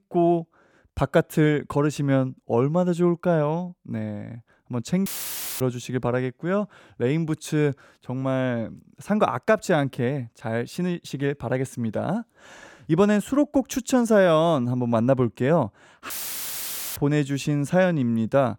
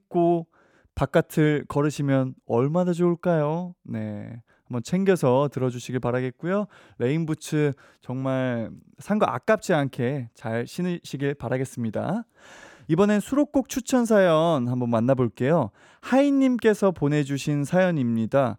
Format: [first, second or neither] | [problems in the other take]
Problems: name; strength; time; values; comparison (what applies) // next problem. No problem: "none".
second | audio cutting out; filled with static; at 5 s for 0.5 s and at 16 s for 1 s